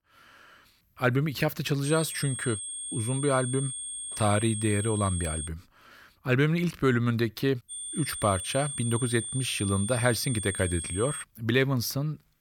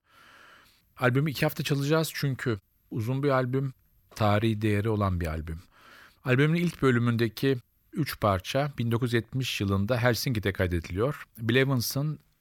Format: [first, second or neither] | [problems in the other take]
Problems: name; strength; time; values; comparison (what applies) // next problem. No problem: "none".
second | high-pitched whine; loud; from 2 to 5.5 s and from 7.5 to 11 s; 8.5 kHz, 6 dB below the speech